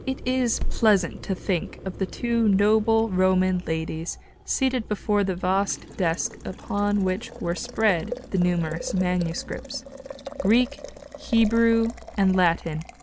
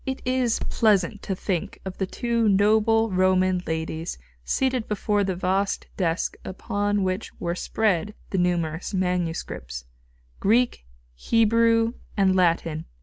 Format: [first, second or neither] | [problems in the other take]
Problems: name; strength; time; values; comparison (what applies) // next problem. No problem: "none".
second | background sound (Boiling); 16 dB below the speech